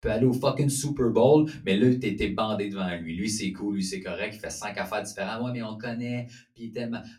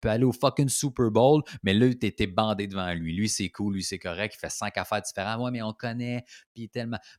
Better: second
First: off-mic speech; far // room echo; very slight; dies away in 0.2 s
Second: none

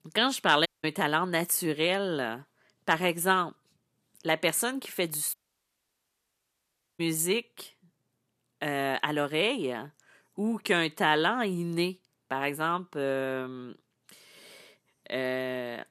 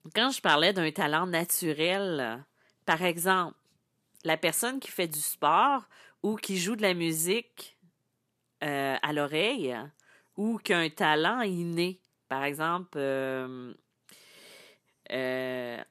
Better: second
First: audio cutting out; at 0.5 s and at 5.5 s for 1.5 s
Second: none

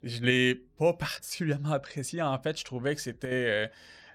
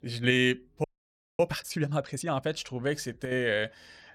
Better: first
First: none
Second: audio freezing; at 1 s for 0.5 s

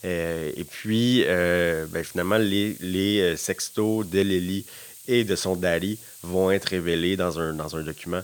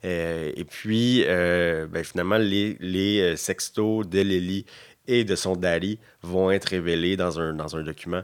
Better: second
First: hiss; noticeable; throughout; 20 dB below the speech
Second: none

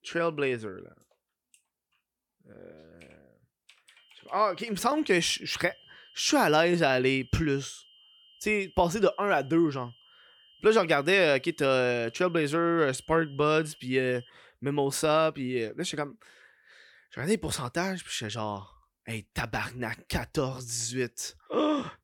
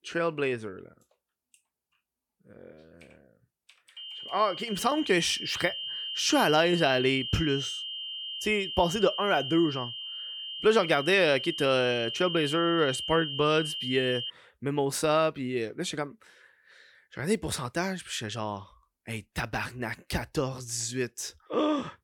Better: first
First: high-pitched whine; faint; from 4 to 14 s; 3 kHz, 25 dB below the speech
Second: high-pitched whine; loud; from 4 to 14 s; 3 kHz, 6 dB below the speech

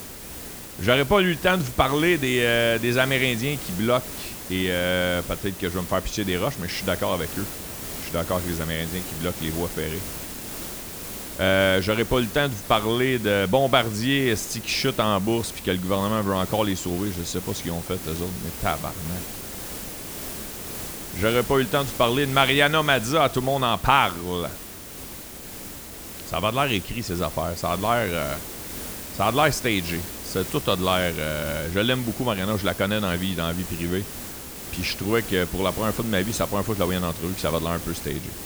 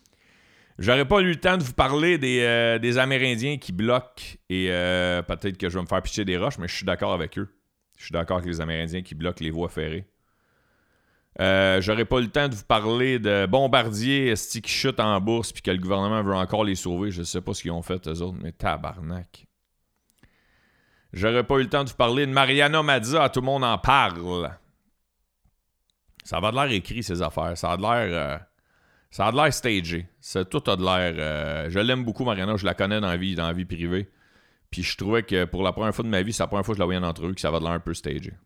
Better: second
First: hiss; loud; throughout; 10 dB below the speech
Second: none

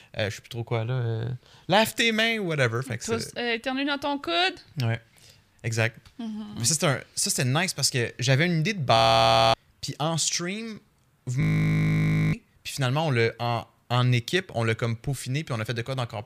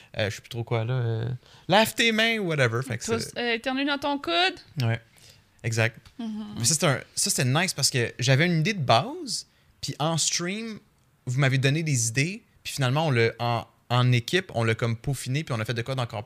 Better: second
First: audio freezing; at 9 s for 0.5 s and at 11 s for 1 s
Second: none

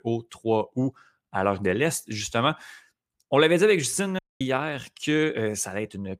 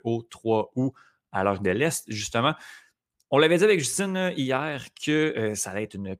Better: second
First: audio cutting out; at 4 s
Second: none

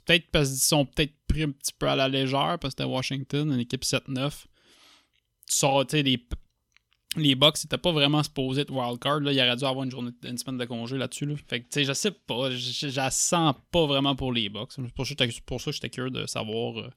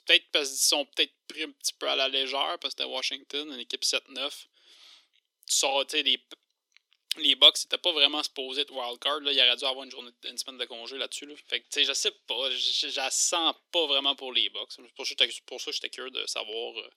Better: first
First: none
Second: thin; somewhat; fading below 350 Hz

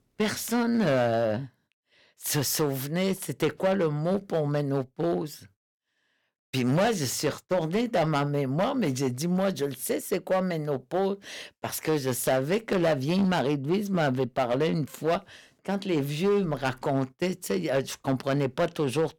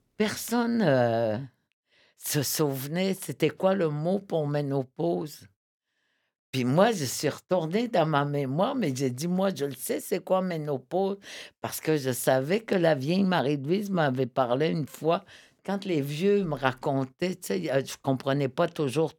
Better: second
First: distortion; slight; 6% of the sound clipped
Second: none

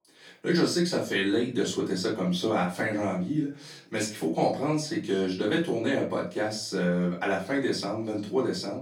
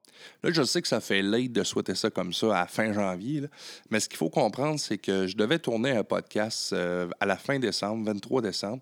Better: second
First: off-mic speech; far // room echo; slight; dies away in 0.3 s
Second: none

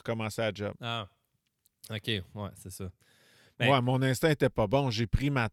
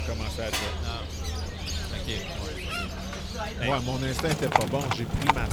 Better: first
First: none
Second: animal sounds; very loud; throughout; 1 dB above the speech

